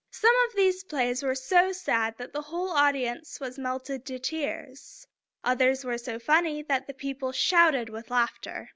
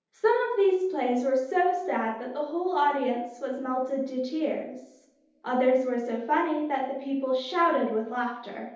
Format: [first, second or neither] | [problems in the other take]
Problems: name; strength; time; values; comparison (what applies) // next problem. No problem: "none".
first | room echo; dies away in 0.8 s